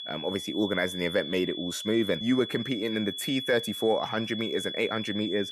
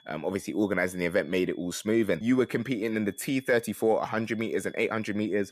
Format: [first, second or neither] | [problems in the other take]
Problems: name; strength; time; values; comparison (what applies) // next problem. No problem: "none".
second | high-pitched whine; loud; throughout; 3.5 kHz, 7 dB below the speech; faint in the second